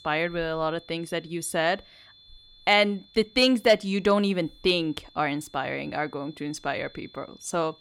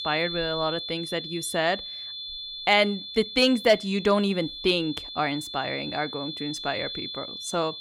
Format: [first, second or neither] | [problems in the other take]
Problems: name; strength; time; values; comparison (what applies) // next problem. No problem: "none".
first | high-pitched whine; loud; throughout; 3.5 kHz, 8 dB below the speech; faint in the first